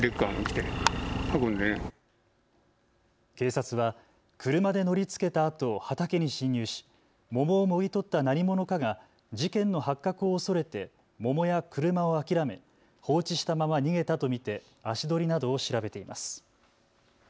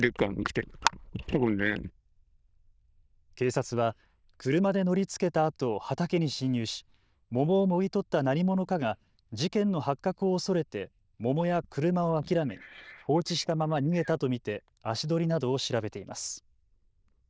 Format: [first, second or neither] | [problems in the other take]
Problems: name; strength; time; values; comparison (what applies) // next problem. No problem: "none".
first | noise reduction (neural diffusion model UNIVERSE++)